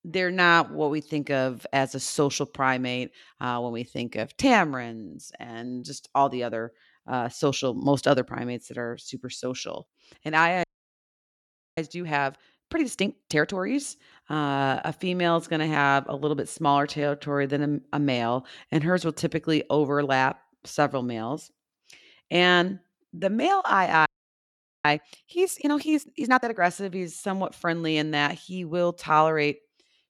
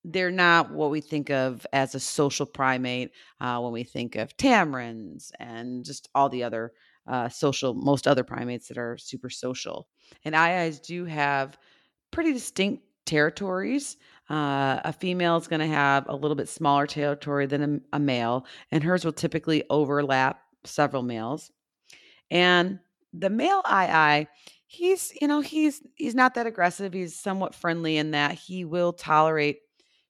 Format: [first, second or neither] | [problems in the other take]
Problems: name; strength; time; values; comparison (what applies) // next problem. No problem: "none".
second | audio freezing; at 11 s for 1 s and at 24 s for 1 s